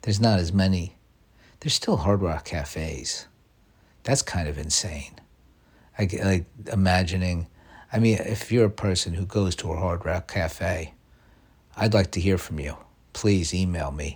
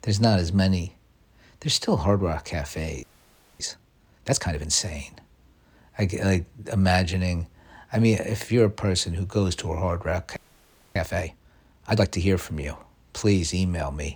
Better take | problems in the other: first | audio freezing; at 3 s for 0.5 s and at 10 s for 0.5 s

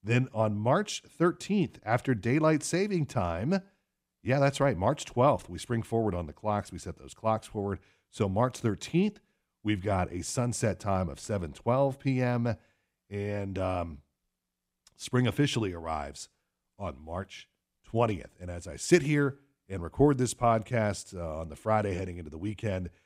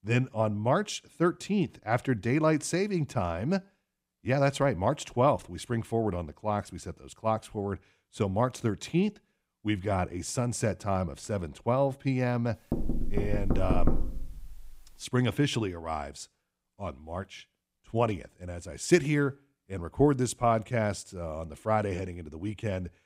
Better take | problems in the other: first | door banging; loud; from 13 to 14 s; peak level with the speech

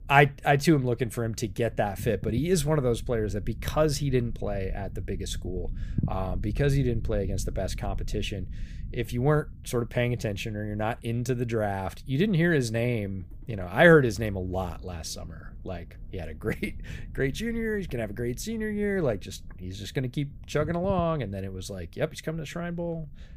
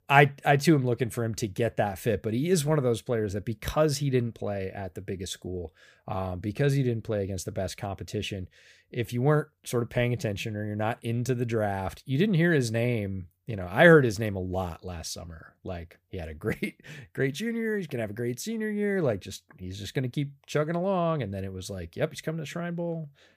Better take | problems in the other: second | low rumble; faint; throughout; 25 dB below the speech

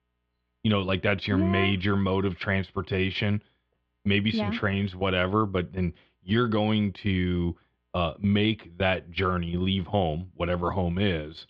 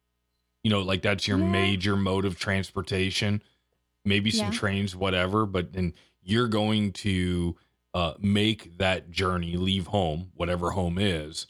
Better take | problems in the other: second | muffled; slightly; fading above 3 kHz

